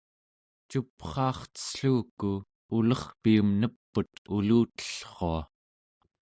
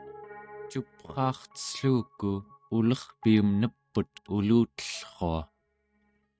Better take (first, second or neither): first